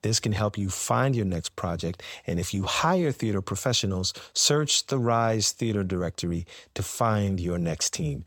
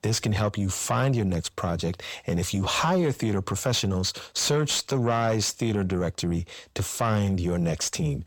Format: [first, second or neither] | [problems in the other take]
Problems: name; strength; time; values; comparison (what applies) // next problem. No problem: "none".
first | distortion; slight; 10 dB below the speech